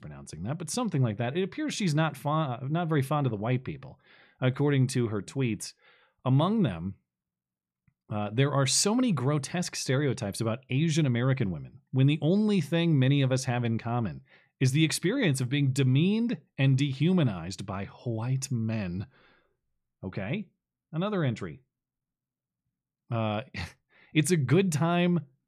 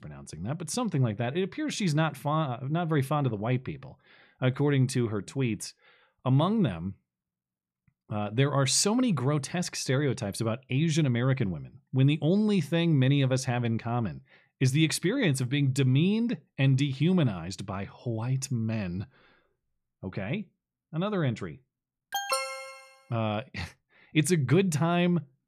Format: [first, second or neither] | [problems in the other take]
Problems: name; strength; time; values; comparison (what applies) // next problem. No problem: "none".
first | alarm; noticeable; at 22 s; peak 2 dB below the speech